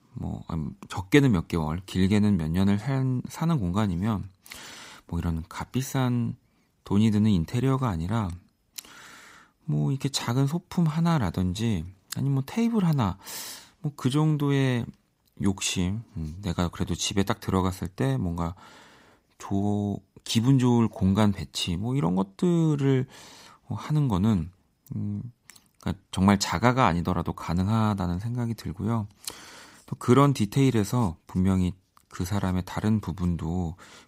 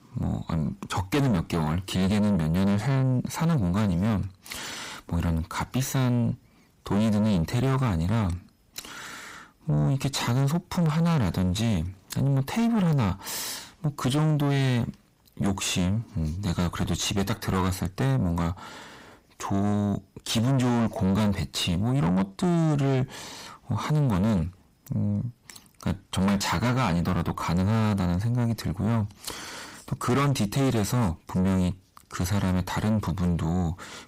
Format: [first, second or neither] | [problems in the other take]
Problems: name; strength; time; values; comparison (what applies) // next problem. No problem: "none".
first | distortion; heavy; 6 dB below the speech